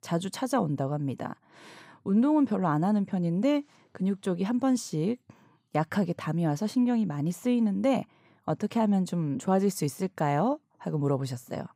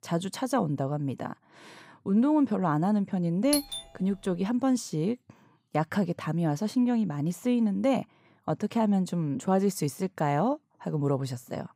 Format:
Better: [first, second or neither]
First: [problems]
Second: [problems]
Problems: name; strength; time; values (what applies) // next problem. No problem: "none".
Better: first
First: none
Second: doorbell; noticeable; at 3.5 s; peak 2 dB below the speech